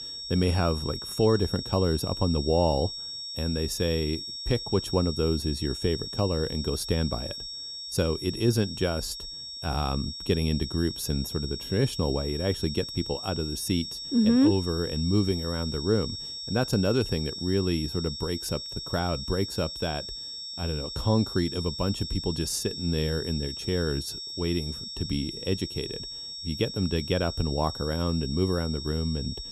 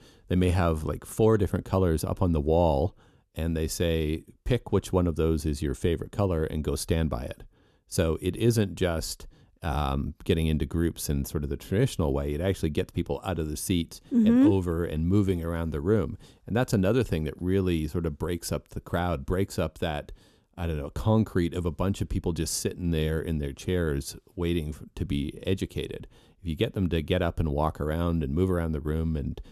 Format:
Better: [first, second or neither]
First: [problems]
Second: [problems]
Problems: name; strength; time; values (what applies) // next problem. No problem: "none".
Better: second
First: high-pitched whine; loud; throughout; 5.5 kHz, 6 dB below the speech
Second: none